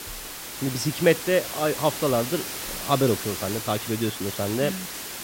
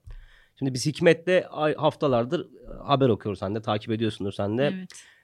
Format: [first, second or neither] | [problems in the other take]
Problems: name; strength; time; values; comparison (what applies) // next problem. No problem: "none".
second | hiss; loud; throughout; 6 dB below the speech